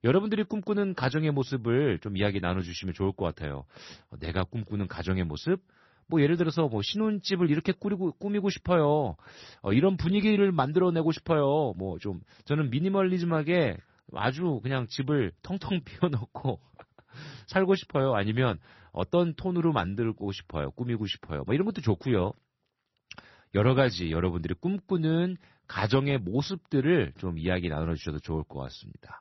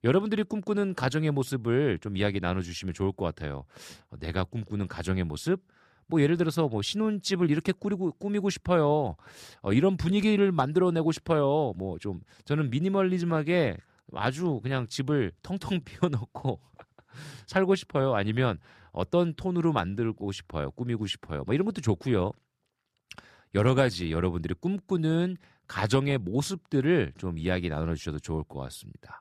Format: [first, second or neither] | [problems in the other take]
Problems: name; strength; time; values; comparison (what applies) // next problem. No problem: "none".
second | garbled, watery; slightly; nothing above 6 kHz